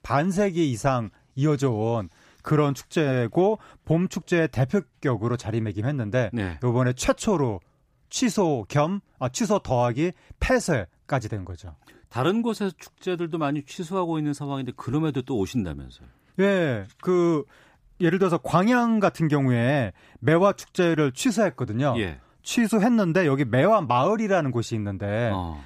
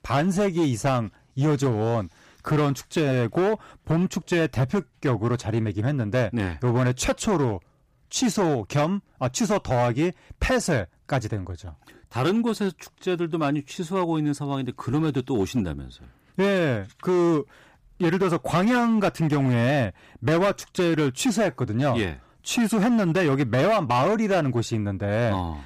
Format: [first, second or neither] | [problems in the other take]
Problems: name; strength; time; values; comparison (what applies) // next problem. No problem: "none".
first | distortion; slight; 11% of the sound clipped